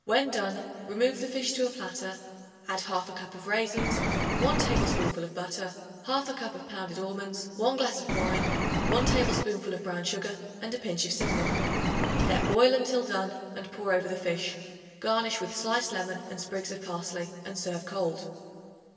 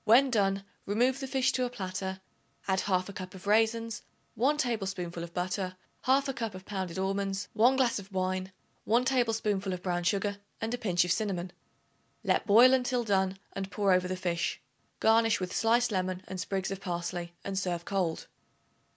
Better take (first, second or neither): second